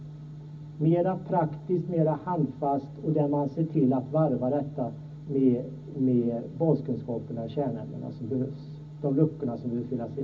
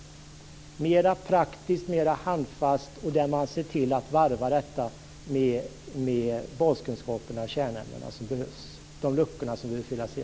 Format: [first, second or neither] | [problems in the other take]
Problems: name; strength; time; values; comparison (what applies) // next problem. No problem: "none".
second | room echo; dies away in 0.4 s